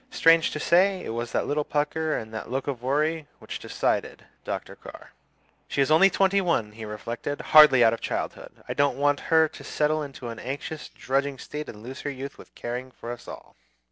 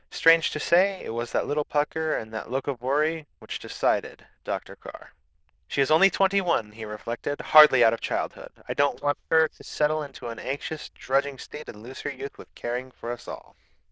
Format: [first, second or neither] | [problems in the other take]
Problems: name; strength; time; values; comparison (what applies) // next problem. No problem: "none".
first | noise reduction (neural diffusion model UNIVERSE++)